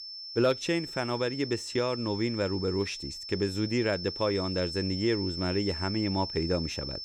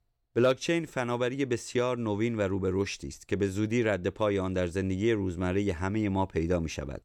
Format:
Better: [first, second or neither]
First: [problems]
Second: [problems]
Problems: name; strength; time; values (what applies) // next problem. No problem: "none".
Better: second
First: high-pitched whine; loud; throughout; 5.5 kHz, 6 dB below the speech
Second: none